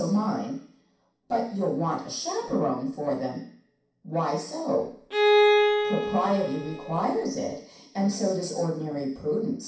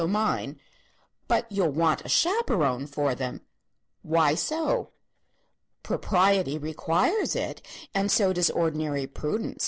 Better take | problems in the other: second | background sound (Bowed string instrument); 4 dB above the speech // room echo; dies away in 0.6 s

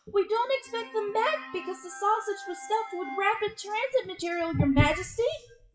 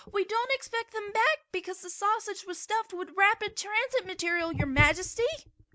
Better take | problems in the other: second | noise reduction (classical method WPE with log-MMSE)

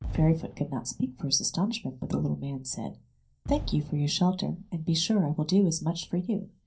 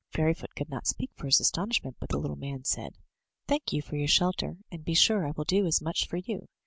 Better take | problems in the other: second | background sound (Fireworks); 14 dB below the speech // room echo; dies away in 0.3 s

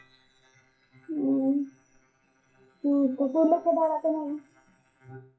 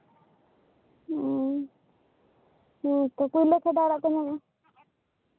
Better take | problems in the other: second | noise reduction (classical method WPE with log-MMSE)

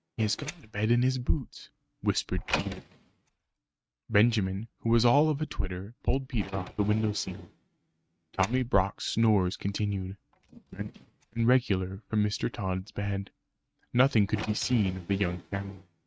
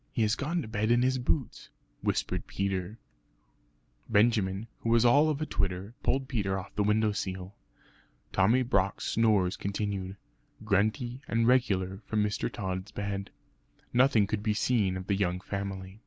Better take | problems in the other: second | noise reduction (neural mask model RNNoise)

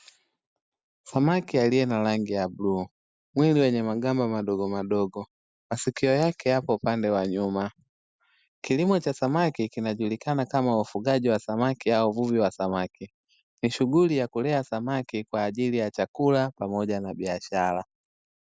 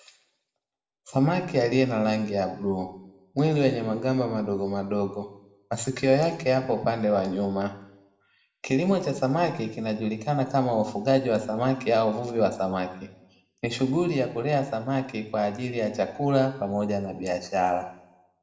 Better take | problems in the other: first | room echo; dies away in 0.7 s

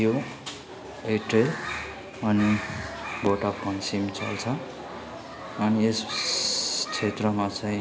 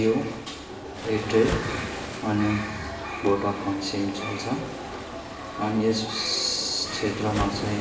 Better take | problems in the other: first | background sound (Waves, surf); 10 dB below the speech // room echo; dies away in 0.9 s

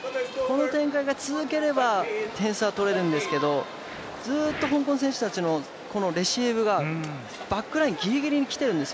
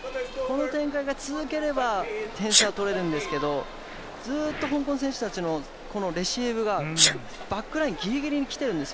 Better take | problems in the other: first | background sound (Sneeze); 4 dB below the speech

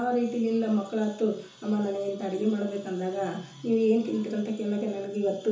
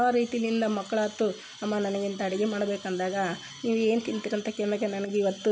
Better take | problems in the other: second | room echo; dies away in 0.7 s

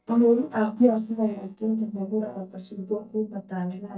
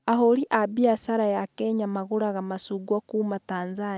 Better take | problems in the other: second | noise reduction (neural mask model DeepFilterNet 3)

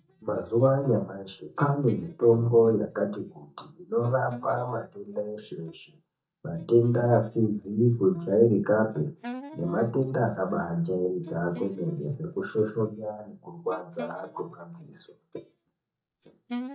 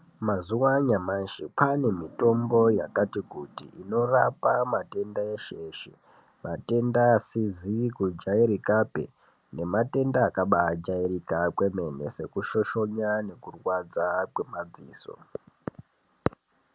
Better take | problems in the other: second | noise reduction (neural mask model DeepFilterNet 3)

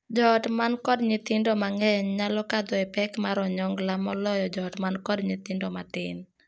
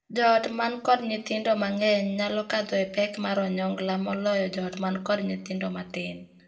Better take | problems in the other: first | room echo; dies away in 0.5 s

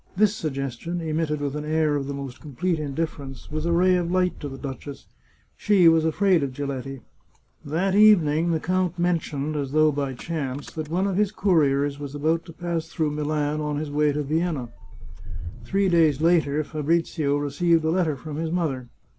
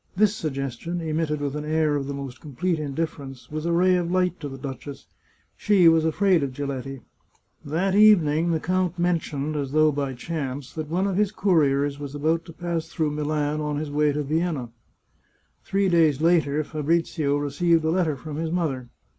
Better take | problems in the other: second | background sound (Engine starting / Motor vehicle (road)); 15 dB below the speech

